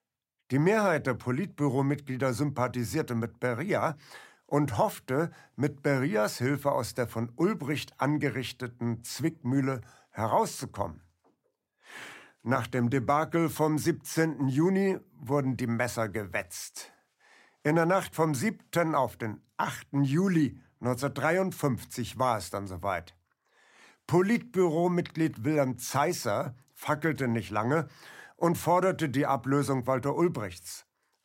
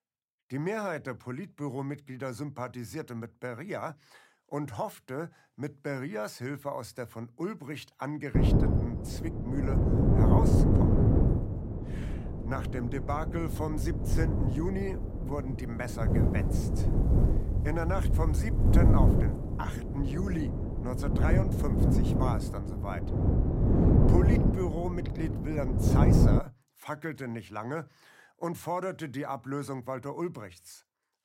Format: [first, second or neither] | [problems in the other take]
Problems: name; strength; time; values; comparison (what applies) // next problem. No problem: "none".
first | wind noise on the microphone; heavy; from 8.5 to 26 s; 1 dB above the speech